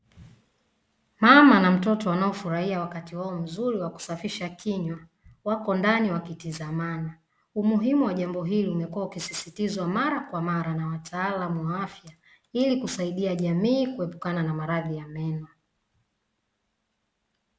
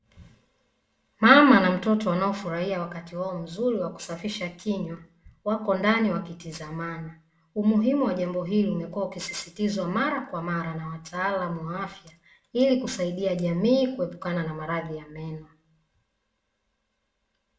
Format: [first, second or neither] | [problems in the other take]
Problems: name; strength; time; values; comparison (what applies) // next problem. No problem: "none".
first | room echo; dies away in 0.3 s